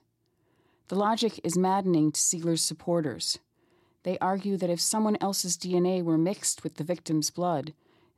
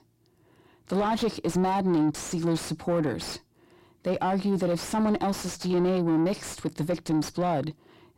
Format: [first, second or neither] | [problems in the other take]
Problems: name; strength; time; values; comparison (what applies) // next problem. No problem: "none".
first | distortion; heavy; 6 dB below the speech